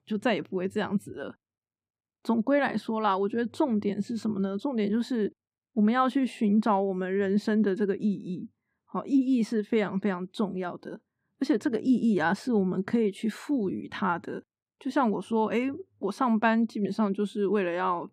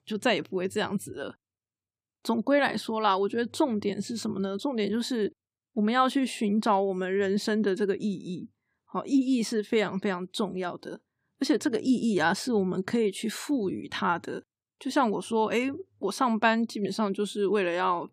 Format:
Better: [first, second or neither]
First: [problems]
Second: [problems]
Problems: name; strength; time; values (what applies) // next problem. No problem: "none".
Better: second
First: muffled; slightly; fading above 3 kHz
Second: none